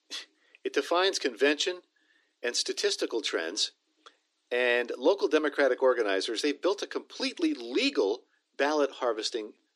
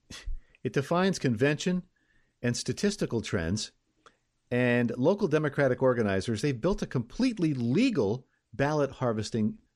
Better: second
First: thin; somewhat; fading below 300 Hz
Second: none

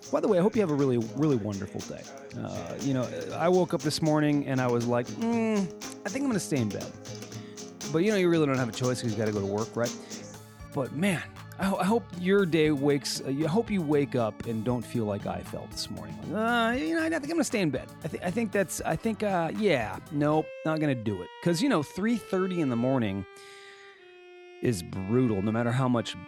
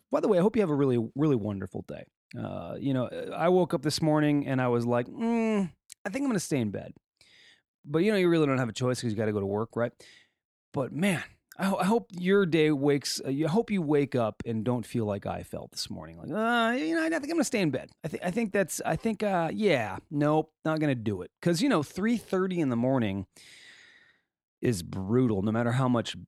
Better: second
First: background music; noticeable; throughout; 15 dB below the speech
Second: none

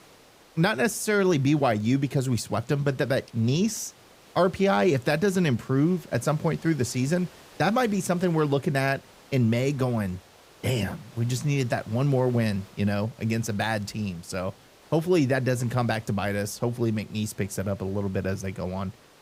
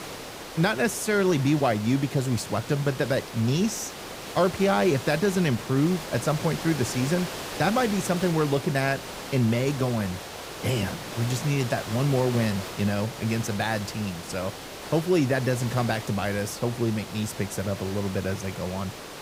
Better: first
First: hiss; faint; throughout; 25 dB below the speech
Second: hiss; loud; throughout; 10 dB below the speech

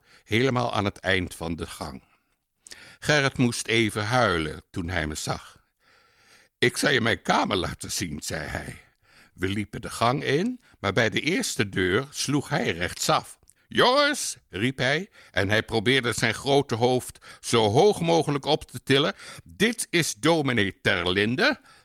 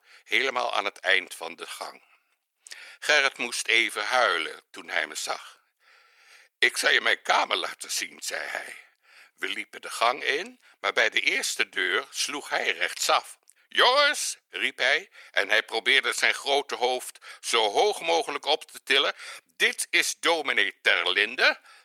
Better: first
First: none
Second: thin; very; fading below 500 Hz

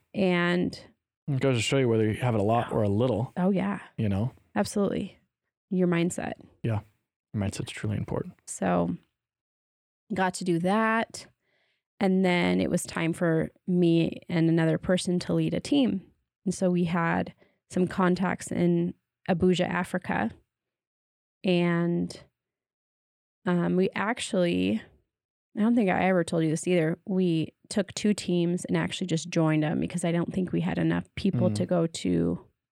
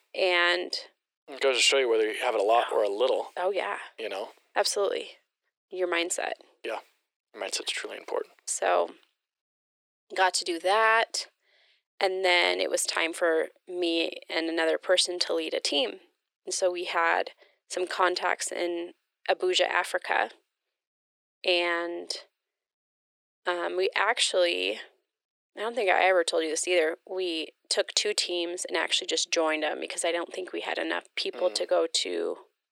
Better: first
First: none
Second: thin; very; fading below 400 Hz

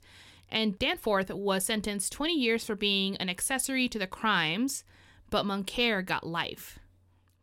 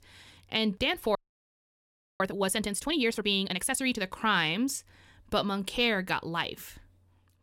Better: first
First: none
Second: audio freezing; at 1 s for 1 s

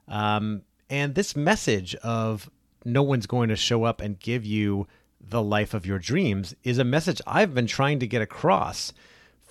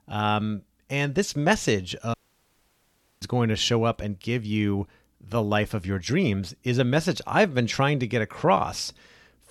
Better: first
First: none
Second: audio cutting out; at 2 s for 1 s

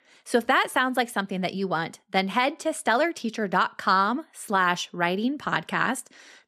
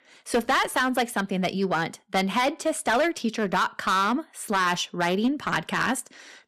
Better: first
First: none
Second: distortion; heavy; 6% of the sound clipped

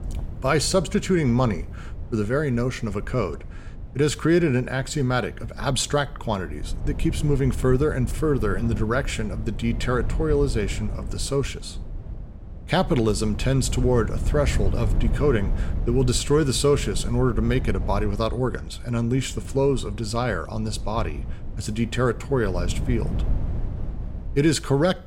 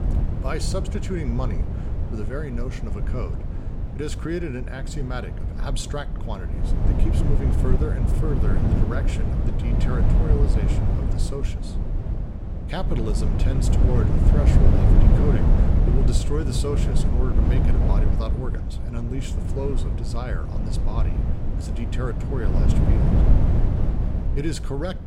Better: first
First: wind noise on the microphone; occasional gusts; 20 dB below the speech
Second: wind noise on the microphone; heavy; as loud as the speech

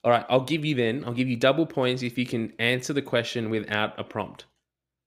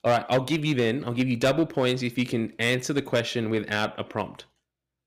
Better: first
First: none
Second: distortion; slight; 5% of the sound clipped

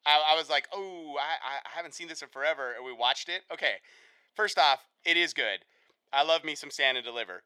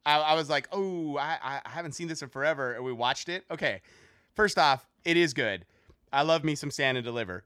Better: second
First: thin; very; fading below 550 Hz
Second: none

